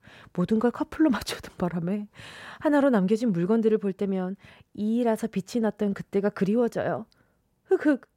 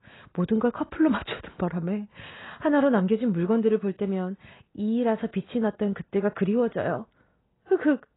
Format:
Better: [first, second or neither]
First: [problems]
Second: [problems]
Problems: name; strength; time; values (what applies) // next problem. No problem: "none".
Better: first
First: none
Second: garbled, watery; badly; nothing above 4 kHz